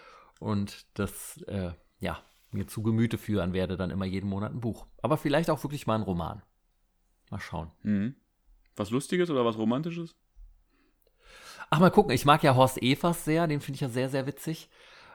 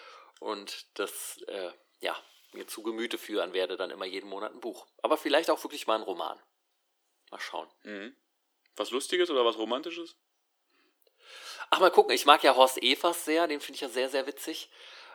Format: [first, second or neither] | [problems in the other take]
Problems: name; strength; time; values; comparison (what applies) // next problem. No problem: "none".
first | thin; very; fading below 300 Hz